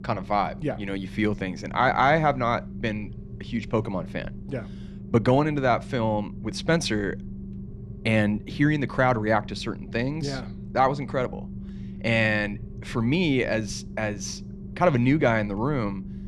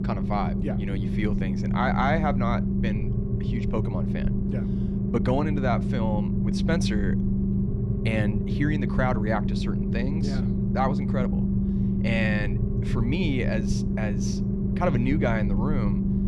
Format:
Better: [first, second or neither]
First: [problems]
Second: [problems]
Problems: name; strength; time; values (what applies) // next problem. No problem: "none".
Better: first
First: low rumble; faint; throughout; 20 dB below the speech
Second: low rumble; loud; throughout; 4 dB below the speech